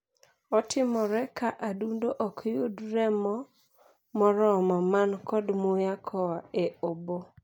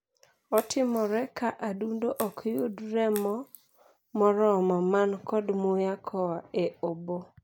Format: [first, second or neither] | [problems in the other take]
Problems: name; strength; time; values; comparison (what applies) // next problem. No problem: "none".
first | background sound (Crack); 19 dB below the speech